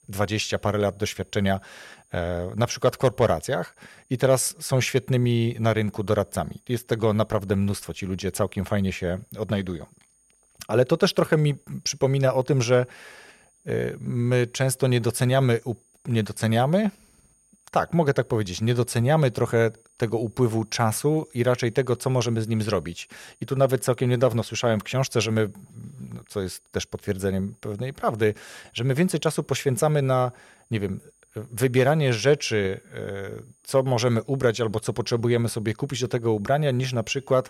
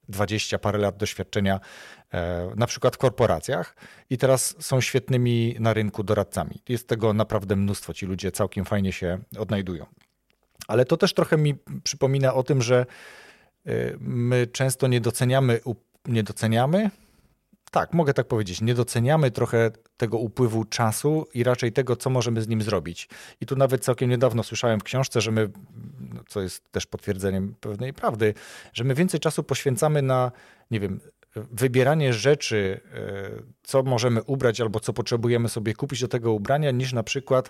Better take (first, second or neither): second